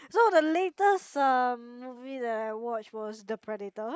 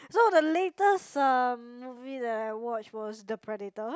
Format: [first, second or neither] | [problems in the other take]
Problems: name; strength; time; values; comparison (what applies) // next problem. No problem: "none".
second | noise reduction (neural mask model Resemble Enhance denoiser)